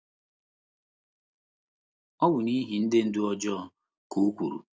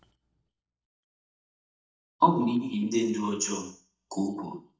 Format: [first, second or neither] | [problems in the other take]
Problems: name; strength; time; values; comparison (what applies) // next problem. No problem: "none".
first | noise reduction (neural mask model DeepFilterNet 3)